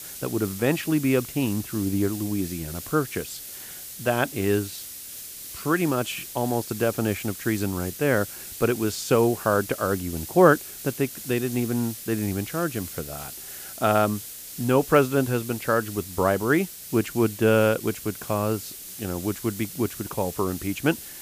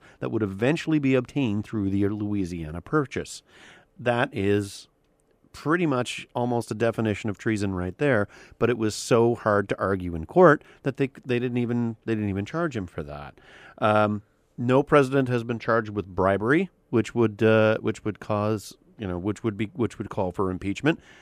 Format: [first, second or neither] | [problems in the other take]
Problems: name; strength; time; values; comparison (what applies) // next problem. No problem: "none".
second | hiss; noticeable; throughout; 10 dB below the speech